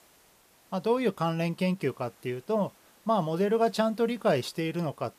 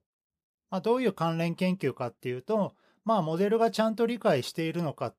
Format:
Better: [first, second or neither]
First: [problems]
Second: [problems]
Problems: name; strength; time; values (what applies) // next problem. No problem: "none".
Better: second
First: hiss; faint; throughout; 30 dB below the speech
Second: none